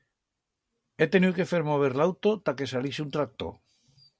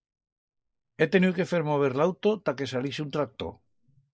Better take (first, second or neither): first